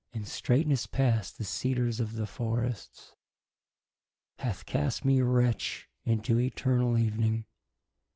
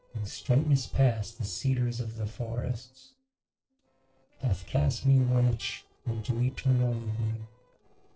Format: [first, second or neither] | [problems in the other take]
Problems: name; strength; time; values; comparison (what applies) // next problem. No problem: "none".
first | noise reduction (neural separator model SepFormer DNS4)